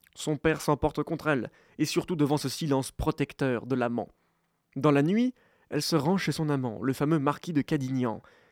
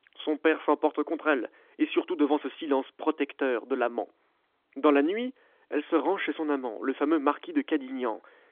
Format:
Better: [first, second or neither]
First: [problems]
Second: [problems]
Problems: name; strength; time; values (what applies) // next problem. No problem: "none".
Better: first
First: none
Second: phone-call audio; nothing above 3.5 kHz